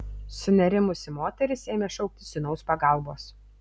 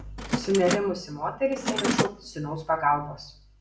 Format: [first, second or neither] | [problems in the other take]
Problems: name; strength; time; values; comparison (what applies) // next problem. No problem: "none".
first | background sound (Mechanisms); 4 dB below the speech // room echo; dies away in 0.4 s